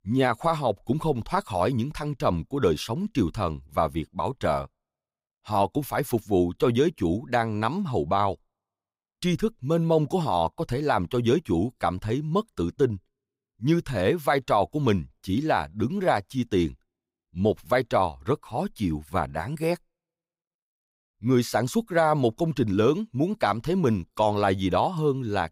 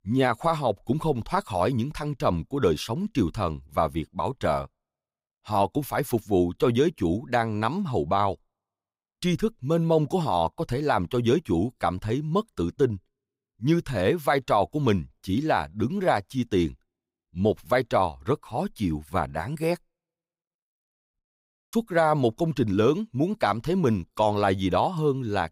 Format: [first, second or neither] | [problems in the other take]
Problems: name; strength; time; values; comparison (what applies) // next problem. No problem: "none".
first | audio cutting out; at 21 s for 0.5 s